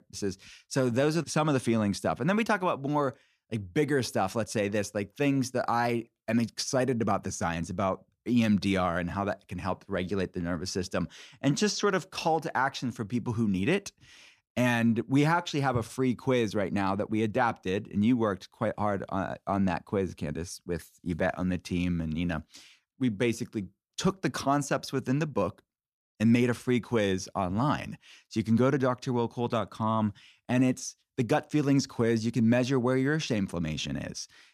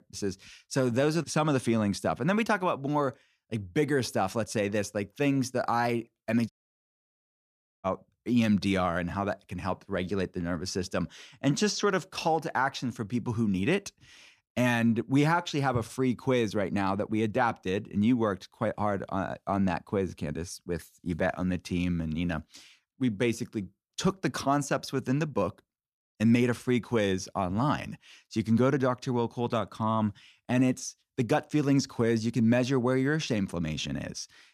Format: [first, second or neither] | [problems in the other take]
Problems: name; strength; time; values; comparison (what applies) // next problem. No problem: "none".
first | audio cutting out; at 6.5 s for 1.5 s